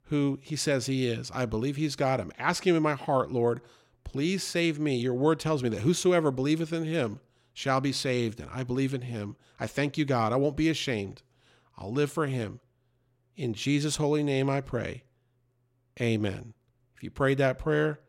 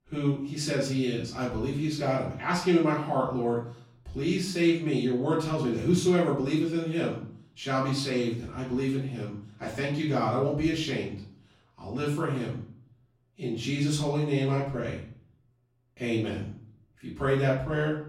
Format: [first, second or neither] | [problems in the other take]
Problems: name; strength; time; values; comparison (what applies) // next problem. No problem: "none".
first | room echo; noticeable; dies away in 0.5 s // off-mic speech; far